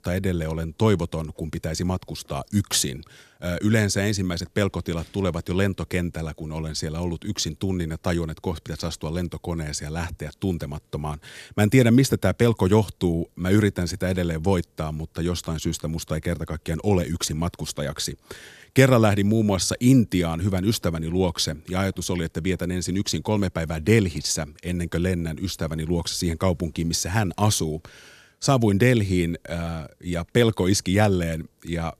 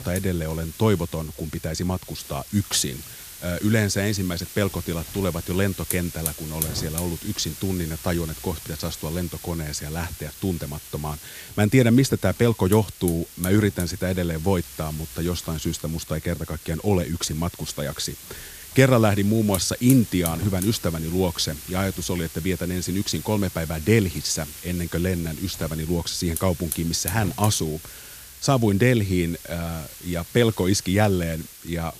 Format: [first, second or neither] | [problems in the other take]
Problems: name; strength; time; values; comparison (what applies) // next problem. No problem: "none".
first | hiss; noticeable; throughout; 10 dB below the speech